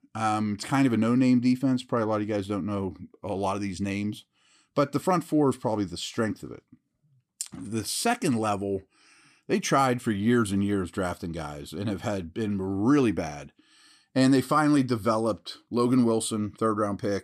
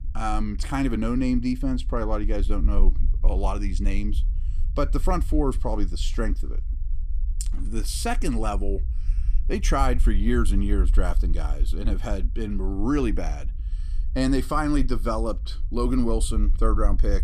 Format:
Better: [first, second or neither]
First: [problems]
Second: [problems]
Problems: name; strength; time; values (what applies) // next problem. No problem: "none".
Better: first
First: none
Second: low rumble; faint; throughout; 20 dB below the speech